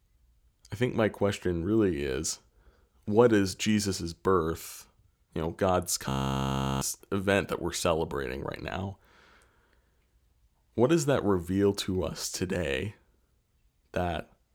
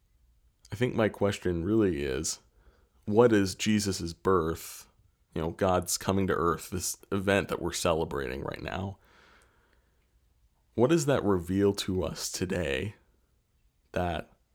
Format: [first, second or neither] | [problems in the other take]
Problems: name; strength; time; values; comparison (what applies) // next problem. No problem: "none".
second | audio freezing; at 6 s for 0.5 s